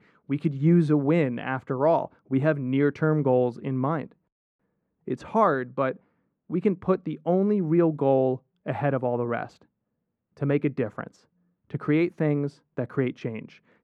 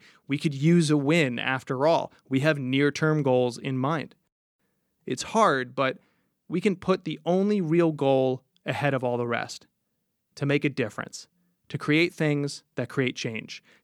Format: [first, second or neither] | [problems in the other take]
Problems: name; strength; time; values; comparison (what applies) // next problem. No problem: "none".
second | muffled; very; fading above 2.5 kHz